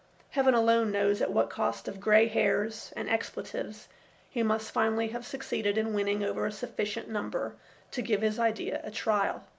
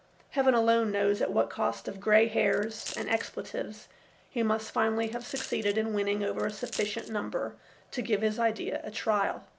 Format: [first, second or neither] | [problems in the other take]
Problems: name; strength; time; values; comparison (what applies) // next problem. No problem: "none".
first | background sound (Coin (dropping)); 14 dB below the speech